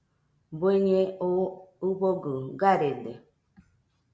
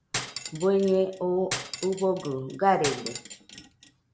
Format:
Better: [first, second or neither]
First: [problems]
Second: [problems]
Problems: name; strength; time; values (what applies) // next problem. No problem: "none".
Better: first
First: none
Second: background sound (Cutlery, silverware); 10 dB below the speech